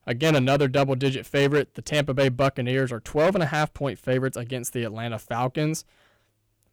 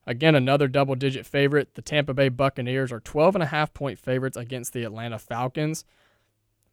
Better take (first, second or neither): second